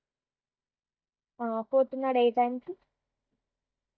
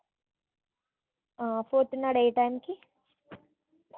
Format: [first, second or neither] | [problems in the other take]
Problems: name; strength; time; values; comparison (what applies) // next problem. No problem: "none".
second | noise reduction (neural mask model DeepFilterNet 3)